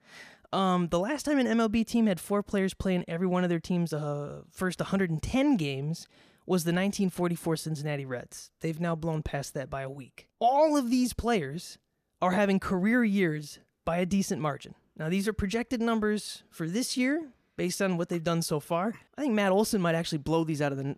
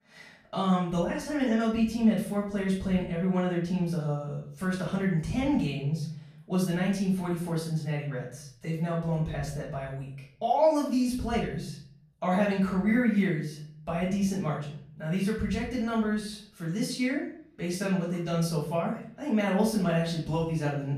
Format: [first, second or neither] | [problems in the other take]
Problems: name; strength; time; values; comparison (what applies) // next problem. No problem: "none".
first | off-mic speech; far // room echo; noticeable; dies away in 0.6 s